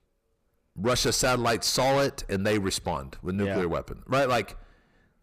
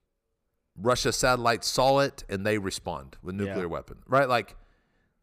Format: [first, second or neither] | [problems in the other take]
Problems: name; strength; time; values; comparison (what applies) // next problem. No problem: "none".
second | distortion; heavy; 7 dB below the speech